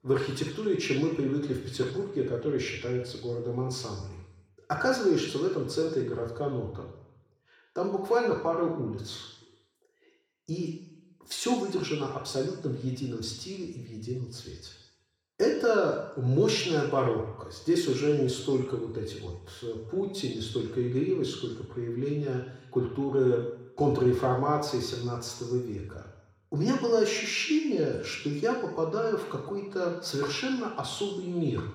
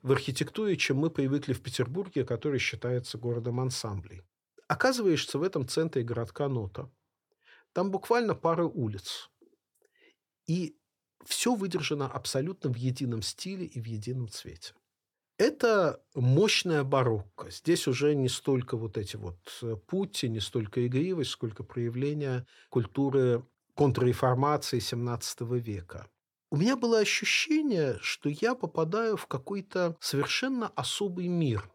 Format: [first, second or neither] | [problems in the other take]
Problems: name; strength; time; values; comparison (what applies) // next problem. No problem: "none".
second | room echo; noticeable; dies away in 0.8 s // off-mic speech; somewhat distant